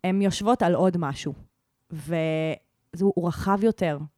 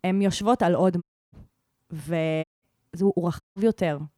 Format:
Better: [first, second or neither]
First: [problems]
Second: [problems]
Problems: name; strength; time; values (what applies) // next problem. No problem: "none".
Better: first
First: none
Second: audio cutting out; at 1 s, at 2.5 s and at 3.5 s